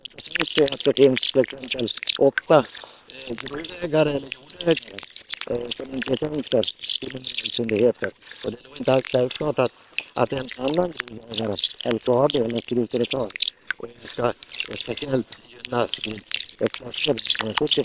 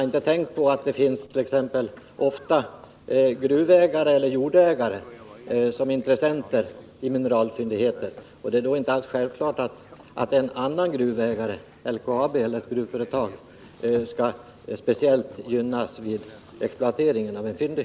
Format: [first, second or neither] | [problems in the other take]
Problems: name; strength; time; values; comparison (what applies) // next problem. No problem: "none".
second | noise reduction (neural separator model SepFormer WHAM!)